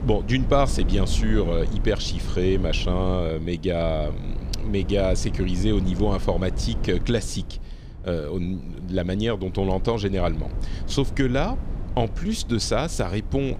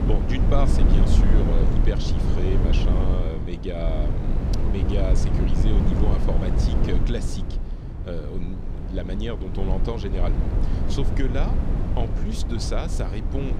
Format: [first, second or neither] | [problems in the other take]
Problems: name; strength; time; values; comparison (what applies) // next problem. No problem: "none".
first | wind noise on the microphone; heavy; 1 dB below the speech; occasional gusts in the first